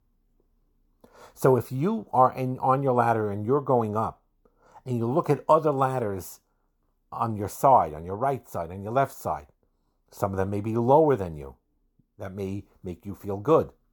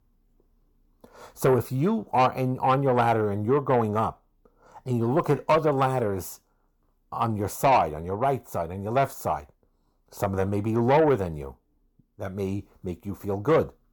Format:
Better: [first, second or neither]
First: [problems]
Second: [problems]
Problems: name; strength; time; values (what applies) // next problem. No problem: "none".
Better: first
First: none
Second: distortion; slight; 10 dB below the speech